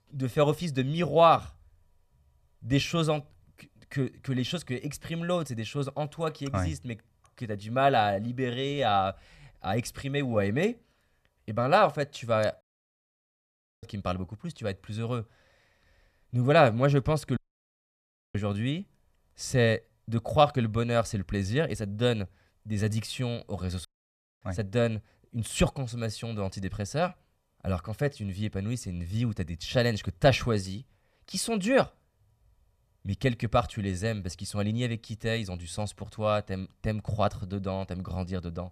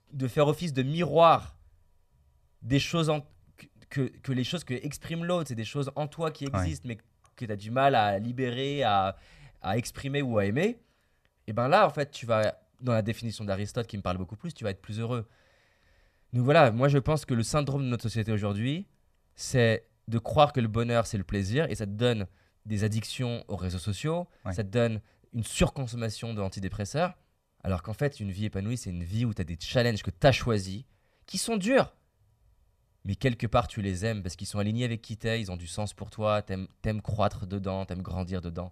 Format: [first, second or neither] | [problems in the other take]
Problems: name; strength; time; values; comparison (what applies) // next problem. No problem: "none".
second | audio cutting out; at 13 s for 1 s, at 17 s for 1 s and at 24 s for 0.5 s